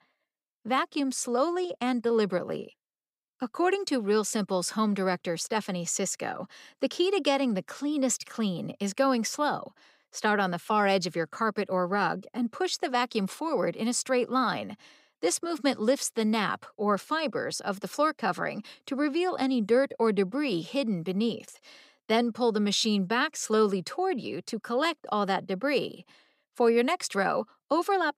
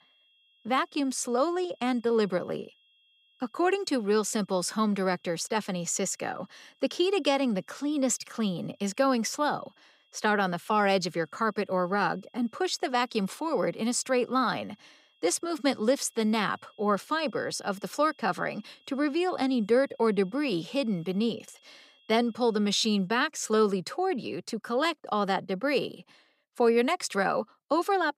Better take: first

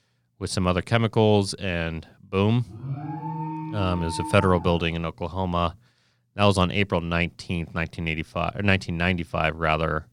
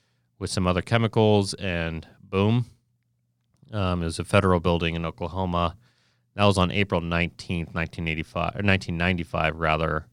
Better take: second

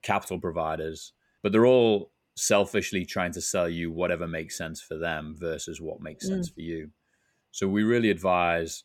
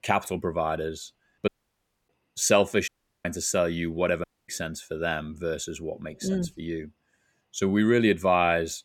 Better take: first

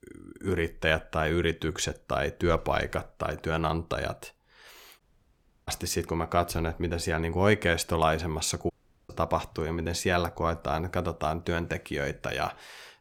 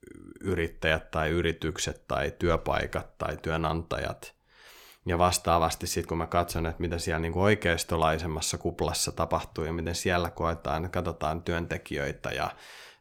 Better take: second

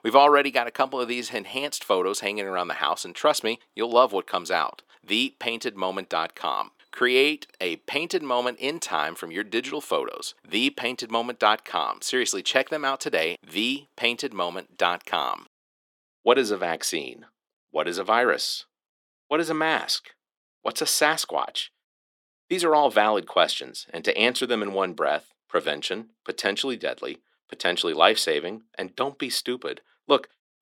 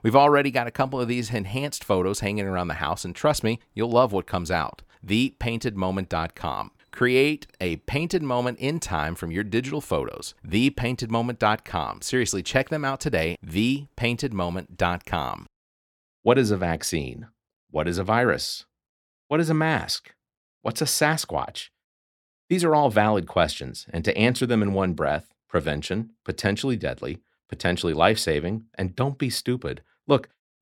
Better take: second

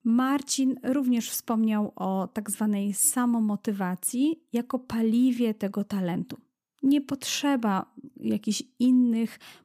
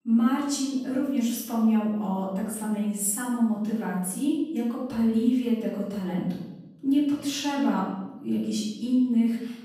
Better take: first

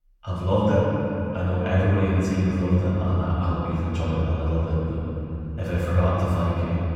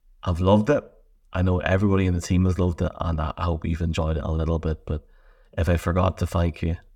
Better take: second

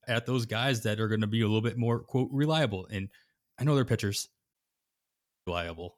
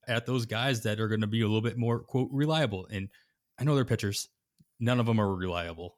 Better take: second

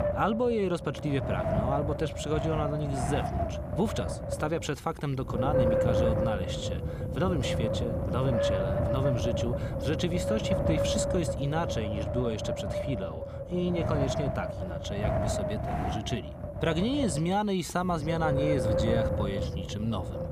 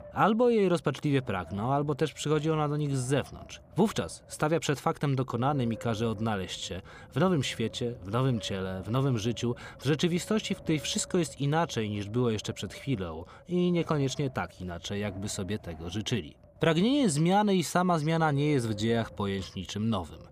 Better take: second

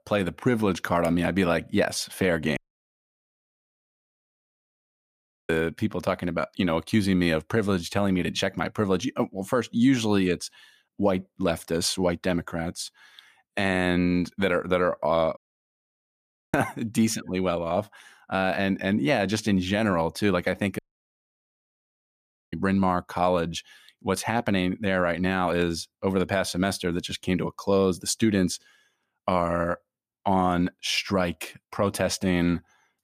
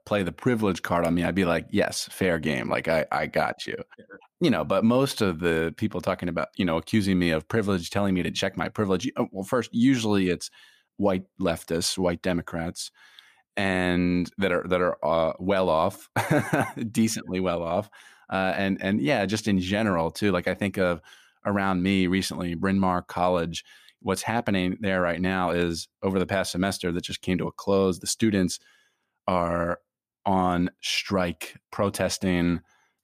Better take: second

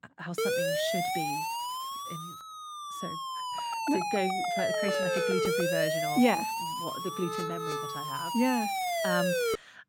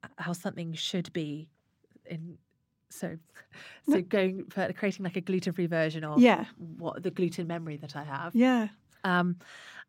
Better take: second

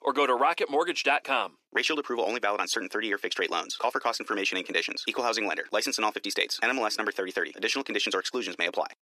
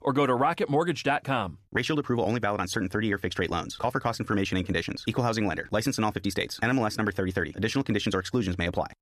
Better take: second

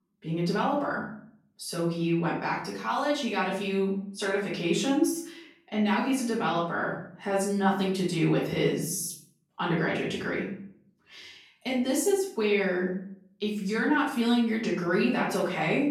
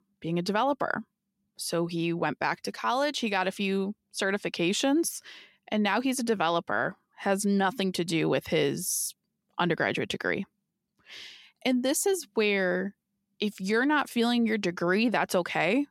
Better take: second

